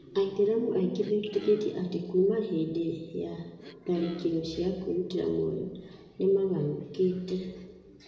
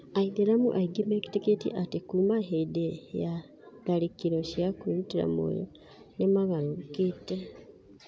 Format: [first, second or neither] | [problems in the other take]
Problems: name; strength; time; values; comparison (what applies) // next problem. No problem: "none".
second | background sound (Cough); 17 dB below the speech // room echo; dies away in 1 s